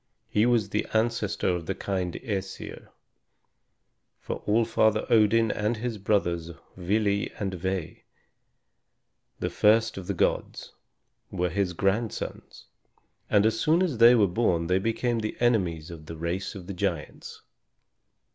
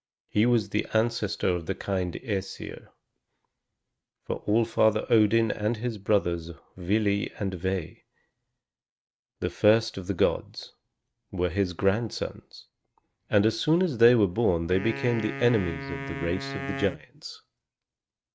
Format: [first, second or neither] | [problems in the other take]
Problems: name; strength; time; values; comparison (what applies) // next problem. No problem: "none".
first | noise reduction (neural mask model RNNoise)